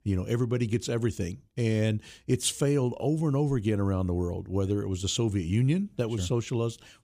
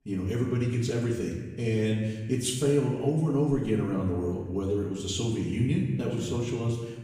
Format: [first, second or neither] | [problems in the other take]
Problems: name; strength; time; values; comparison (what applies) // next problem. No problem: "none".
first | room echo; noticeable; dies away in 1.2 s // off-mic speech; far